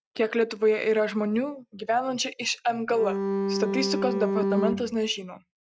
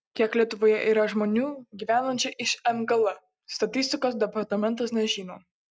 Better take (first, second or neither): second